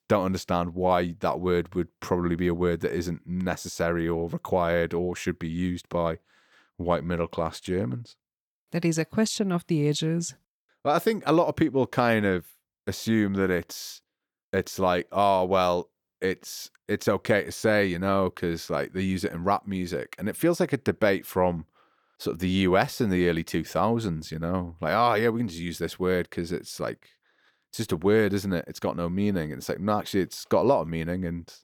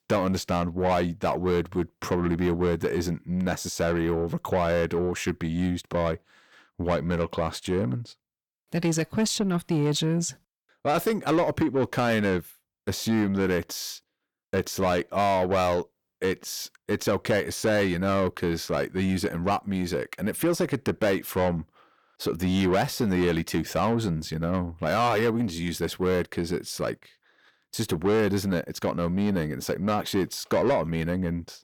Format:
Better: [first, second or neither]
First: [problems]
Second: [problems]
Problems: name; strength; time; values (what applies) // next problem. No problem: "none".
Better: first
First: none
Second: distortion; slight; 10 dB below the speech